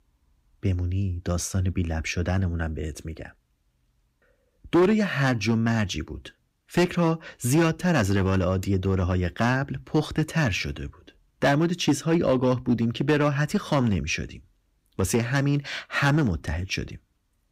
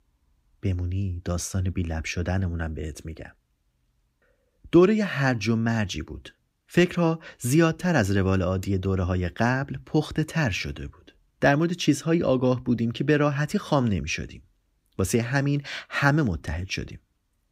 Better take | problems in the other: second | distortion; slight; 3% of the sound clipped

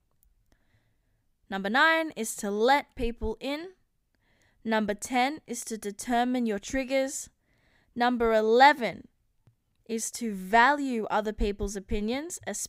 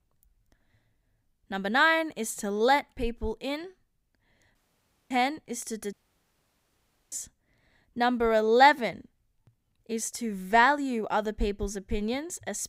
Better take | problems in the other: first | audio cutting out; at 4.5 s for 0.5 s and at 6 s for 1 s

